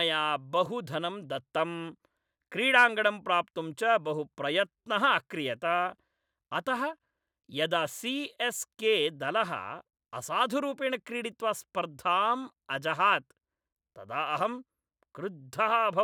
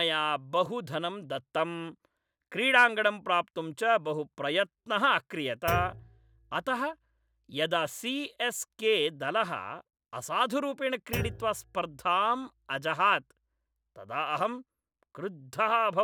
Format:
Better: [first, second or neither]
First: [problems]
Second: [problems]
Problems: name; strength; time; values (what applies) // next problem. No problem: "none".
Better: first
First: none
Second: background sound (Thump, thud); 13 dB below the speech